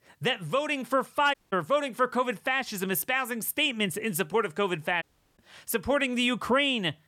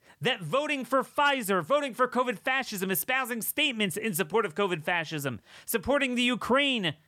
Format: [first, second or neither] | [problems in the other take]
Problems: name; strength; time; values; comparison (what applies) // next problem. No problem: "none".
second | audio cutting out; at 1.5 s and at 5 s